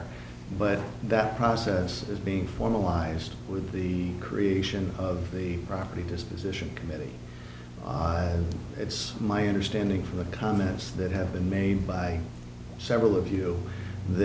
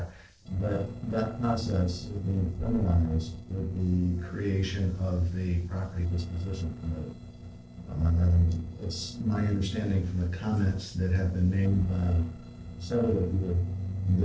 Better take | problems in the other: first | noise reduction (neural separator model SepFormer DNS4)

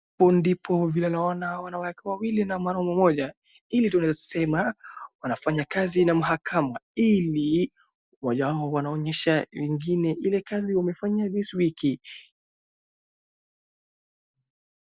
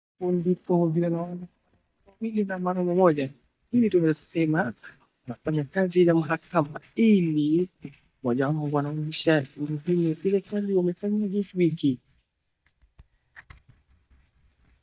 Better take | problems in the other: first | noise reduction (neural mask model DeepFilterNet 3)

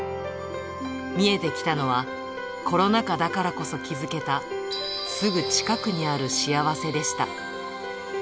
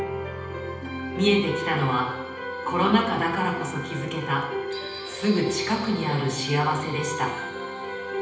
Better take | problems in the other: first | room echo; dies away in 0.9 s

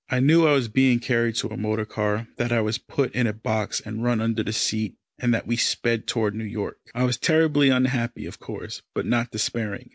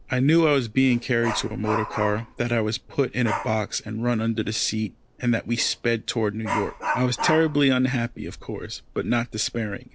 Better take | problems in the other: first | background sound (Dog); 11 dB below the speech

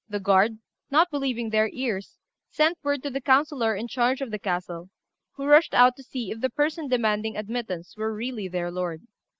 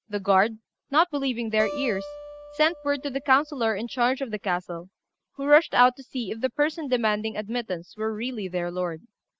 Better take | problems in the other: first | background sound (Acoustic guitar); 14 dB below the speech

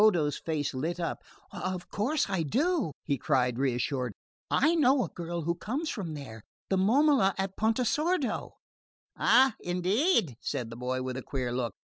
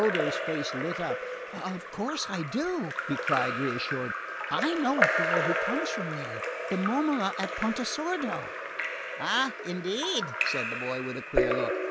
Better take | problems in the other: first | background sound (Drip / Trickle, dribble / Splash, splatter); as loud as the speech

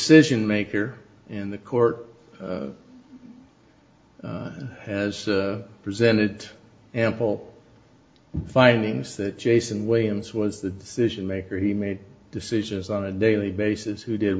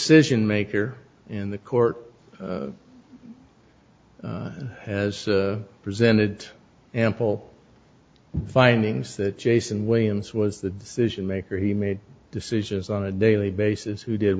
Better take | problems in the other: second | room echo; dies away in 0.4 s

